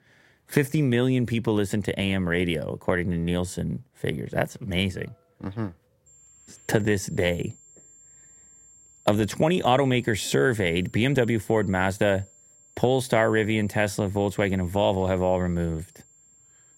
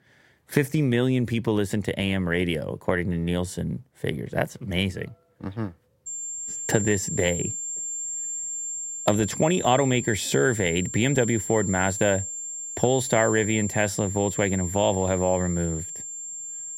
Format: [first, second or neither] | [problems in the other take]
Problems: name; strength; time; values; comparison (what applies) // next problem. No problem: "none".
first | high-pitched whine; loud; from 6 s on; 7.5 kHz, 6 dB below the speech; faint in the first